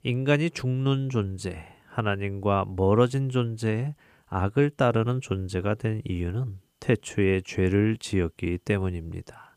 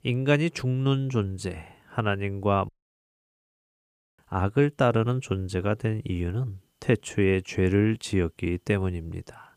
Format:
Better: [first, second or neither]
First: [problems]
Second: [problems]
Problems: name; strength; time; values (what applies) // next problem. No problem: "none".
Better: first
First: none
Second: audio cutting out; at 2.5 s for 1.5 s